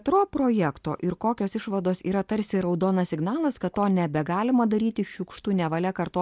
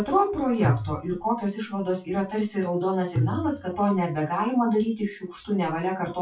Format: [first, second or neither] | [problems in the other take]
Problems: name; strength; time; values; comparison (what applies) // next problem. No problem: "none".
first | noise reduction (classical method WPE with log-MMSE)